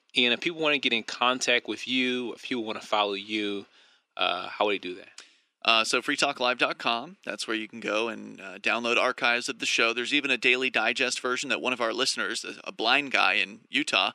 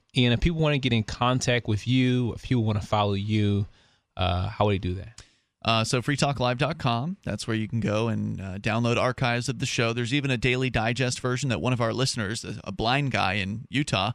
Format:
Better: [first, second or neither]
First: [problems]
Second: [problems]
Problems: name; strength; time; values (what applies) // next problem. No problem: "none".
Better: second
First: thin; somewhat; fading below 300 Hz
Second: none